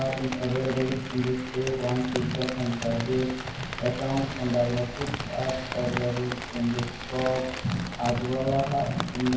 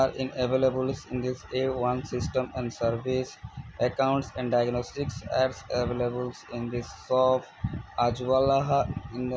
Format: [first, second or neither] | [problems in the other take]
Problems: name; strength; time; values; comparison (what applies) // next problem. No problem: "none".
second | background sound (Rain); 8 dB below the speech // room echo; dies away in 0.9 s